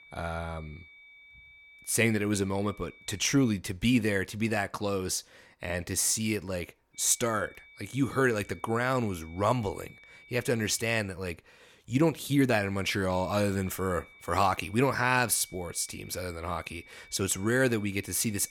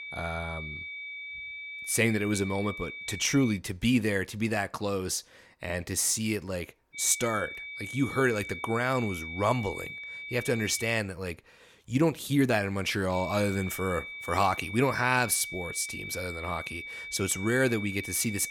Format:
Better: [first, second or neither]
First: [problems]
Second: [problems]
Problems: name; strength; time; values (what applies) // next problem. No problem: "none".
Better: first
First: high-pitched whine; faint; until 3.5 s, from 7 to 11 s and from 13 s on; 2.5 kHz, 25 dB below the speech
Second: high-pitched whine; loud; until 3.5 s, from 7 to 11 s and from 13 s on; 2.5 kHz, 9 dB below the speech